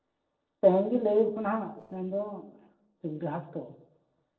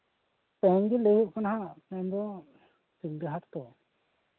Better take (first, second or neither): second